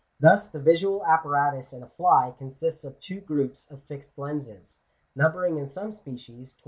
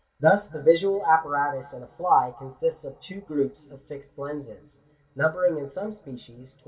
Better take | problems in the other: first | room echo; dies away in 0.1 s

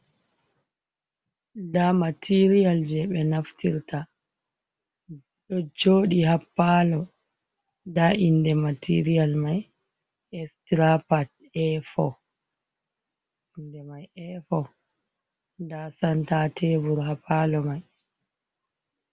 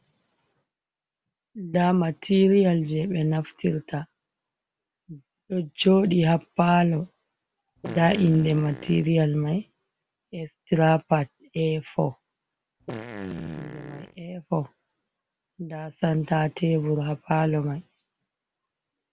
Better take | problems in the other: first | background sound (Fart); 11 dB below the speech

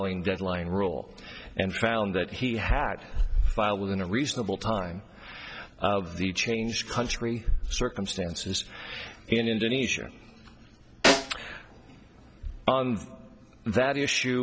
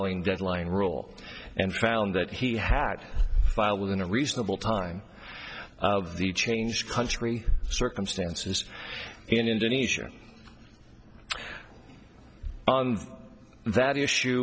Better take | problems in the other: second | background sound (Snare drum); 1 dB above the speech

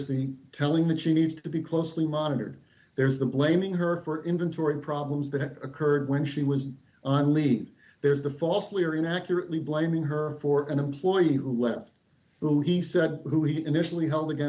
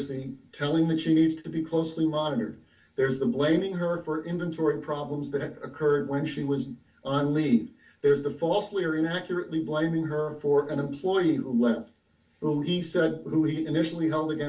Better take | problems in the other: first | room echo; dies away in 0.1 s

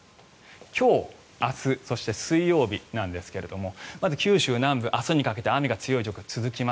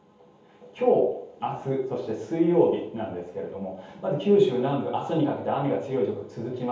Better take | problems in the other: first | room echo; dies away in 0.7 s

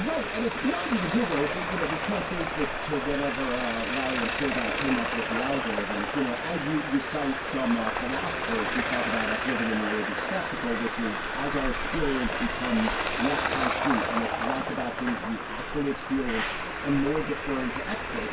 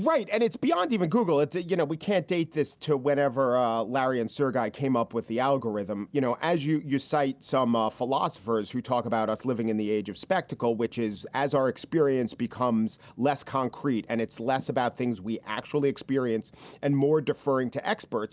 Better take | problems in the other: second | background sound (Traffic noise, roadway noise); as loud as the speech // room echo; dies away in 0.1 s

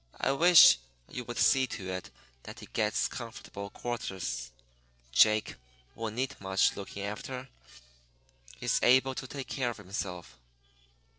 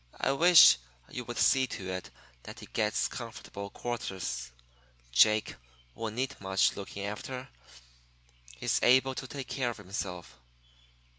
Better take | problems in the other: second | noise reduction (neural separator model SepFormer DNS4)

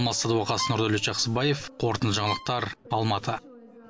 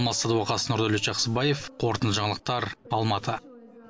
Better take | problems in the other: second | background sound (Bowed string instrument); 12 dB below the speech

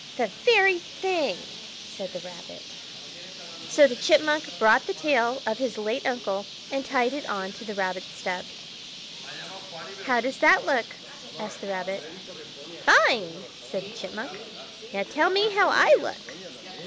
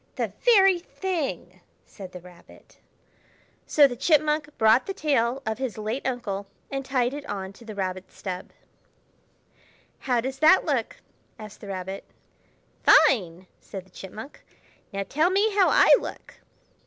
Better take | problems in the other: second | background sound (Bird); 13 dB below the speech

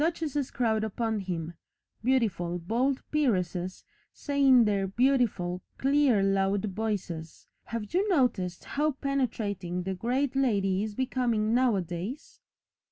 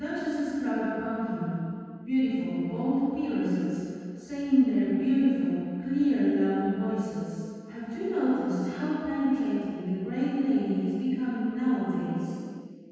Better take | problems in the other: first | room echo; dies away in 2.1 s

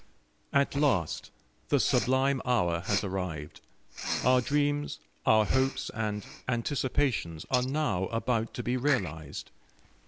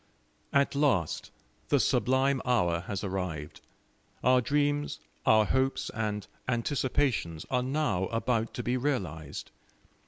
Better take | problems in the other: second | background sound (Respiratory sounds); 12 dB below the speech

